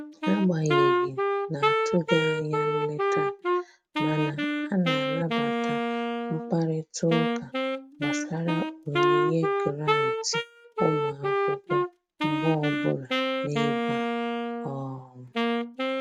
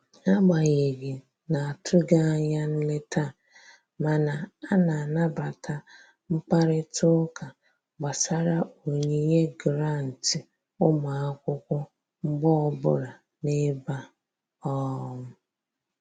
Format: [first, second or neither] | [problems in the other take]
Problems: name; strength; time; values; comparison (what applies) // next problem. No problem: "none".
second | noise reduction (neural mask model RNNoise)